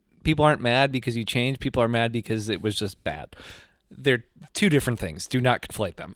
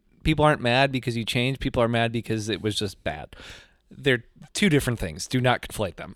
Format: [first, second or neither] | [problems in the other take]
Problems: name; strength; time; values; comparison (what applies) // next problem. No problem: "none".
second | garbled, watery; slightly